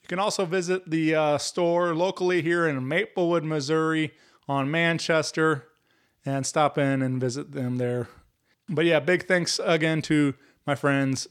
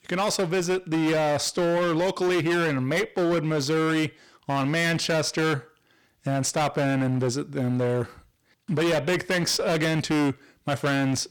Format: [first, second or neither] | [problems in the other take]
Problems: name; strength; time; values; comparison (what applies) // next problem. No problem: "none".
first | distortion; heavy; 24% of the sound clipped